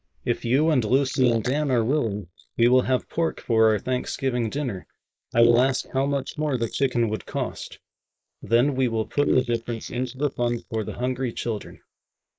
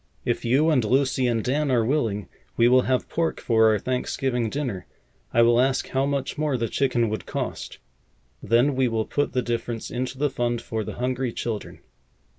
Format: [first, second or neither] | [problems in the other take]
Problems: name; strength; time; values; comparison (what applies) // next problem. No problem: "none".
second | noise reduction (neural mask model Resemble Enhance denoiser)